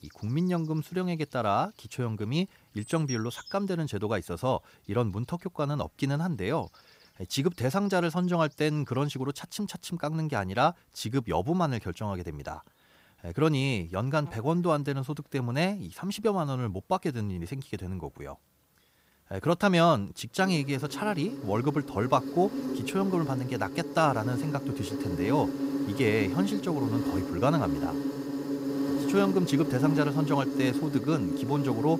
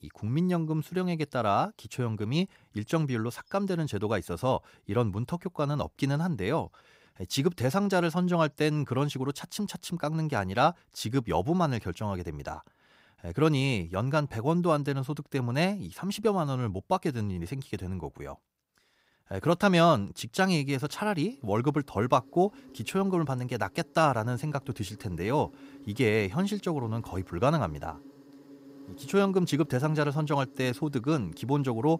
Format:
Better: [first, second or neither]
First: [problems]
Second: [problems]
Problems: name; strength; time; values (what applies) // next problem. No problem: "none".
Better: second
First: animal sounds; loud; throughout; 3 dB below the speech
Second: animal sounds; faint; throughout; 20 dB below the speech